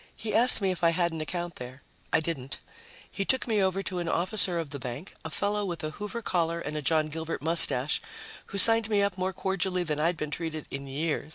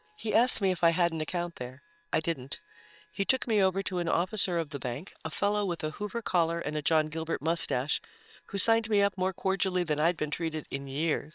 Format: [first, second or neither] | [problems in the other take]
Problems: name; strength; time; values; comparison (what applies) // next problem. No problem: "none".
first | noise reduction (neural separator model SepFormer WHAM!)